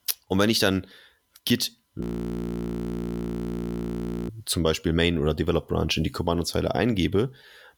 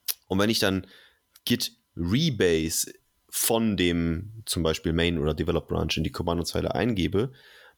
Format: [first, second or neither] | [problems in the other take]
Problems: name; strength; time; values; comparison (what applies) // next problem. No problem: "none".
second | audio freezing; at 2 s for 2.5 s